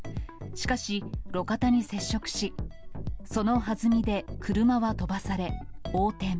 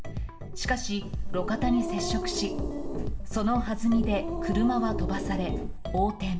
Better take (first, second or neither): first